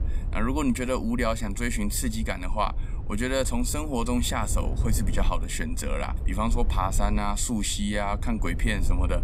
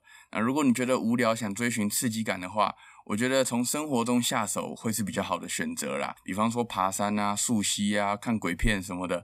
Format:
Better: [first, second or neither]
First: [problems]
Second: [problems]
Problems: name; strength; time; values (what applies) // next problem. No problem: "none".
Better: second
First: low rumble; noticeable; throughout; 15 dB below the speech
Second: none